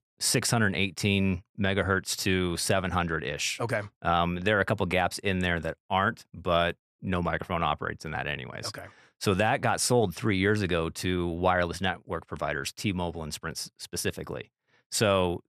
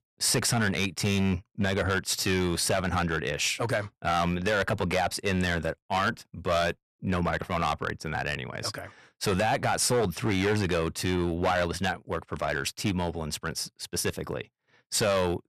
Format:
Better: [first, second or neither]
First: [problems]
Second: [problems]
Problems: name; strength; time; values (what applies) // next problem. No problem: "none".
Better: first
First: none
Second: distortion; heavy; 7% of the sound clipped